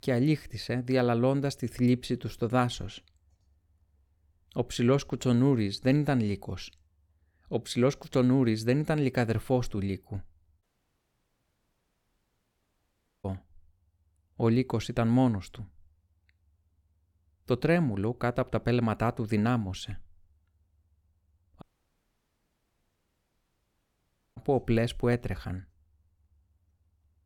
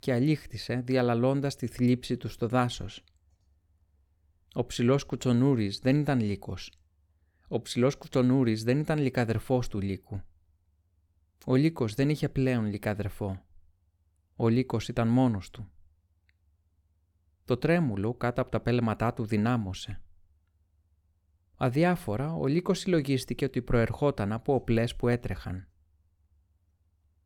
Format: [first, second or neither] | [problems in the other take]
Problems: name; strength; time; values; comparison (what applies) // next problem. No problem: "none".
second | audio cutting out; at 11 s for 2.5 s and at 22 s for 2.5 s